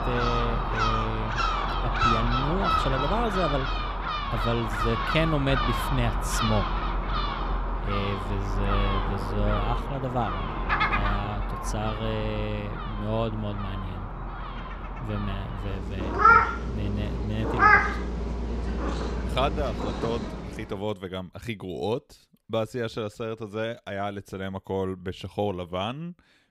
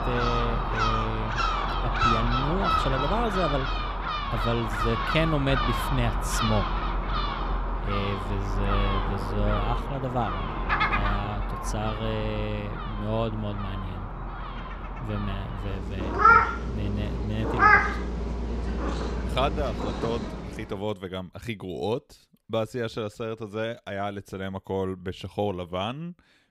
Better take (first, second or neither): neither